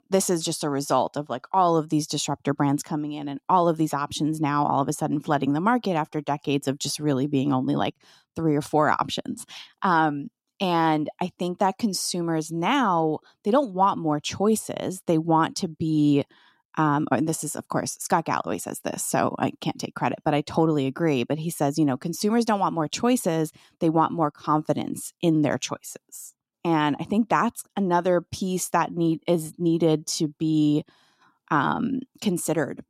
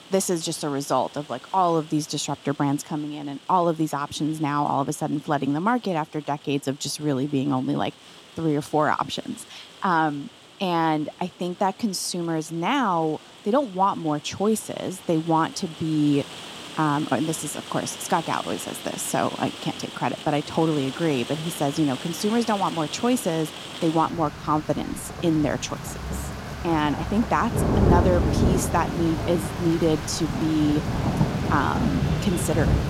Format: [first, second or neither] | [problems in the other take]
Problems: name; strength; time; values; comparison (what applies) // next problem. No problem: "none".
first | rain or running water; loud; throughout; 4 dB below the speech